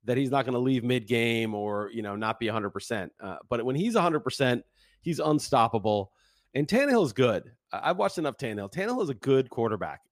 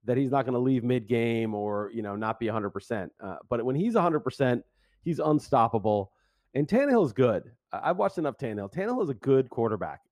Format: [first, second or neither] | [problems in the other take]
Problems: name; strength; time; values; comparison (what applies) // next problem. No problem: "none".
first | muffled; slightly; fading above 2 kHz